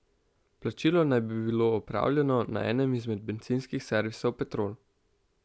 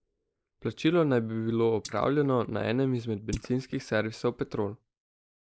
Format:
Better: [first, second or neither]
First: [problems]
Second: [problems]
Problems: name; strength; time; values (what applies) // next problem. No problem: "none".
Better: first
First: none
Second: noise reduction (neural mask model Resemble Enhance denoiser)